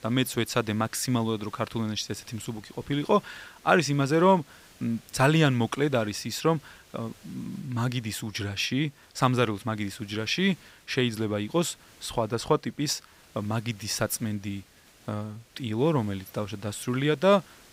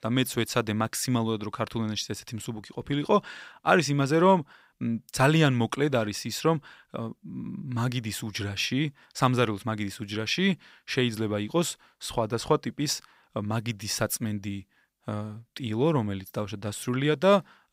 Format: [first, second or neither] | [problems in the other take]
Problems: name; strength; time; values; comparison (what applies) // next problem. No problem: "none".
second | hiss; faint; throughout; 25 dB below the speech